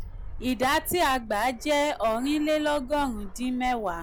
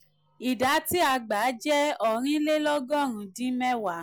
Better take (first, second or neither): second